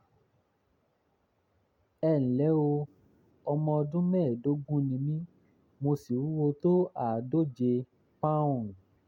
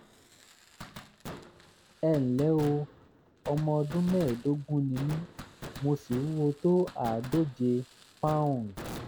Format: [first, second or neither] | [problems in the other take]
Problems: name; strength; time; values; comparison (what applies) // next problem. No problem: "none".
first | background sound (Fireworks); 15 dB below the speech